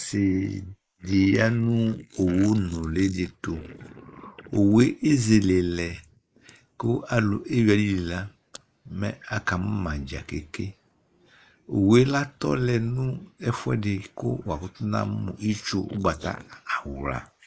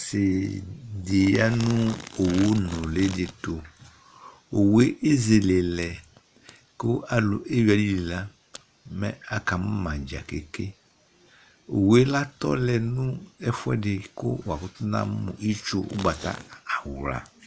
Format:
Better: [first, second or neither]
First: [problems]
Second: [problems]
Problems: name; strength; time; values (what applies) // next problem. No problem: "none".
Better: second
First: noise reduction (neural mask model Resemble Enhance denoiser)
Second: none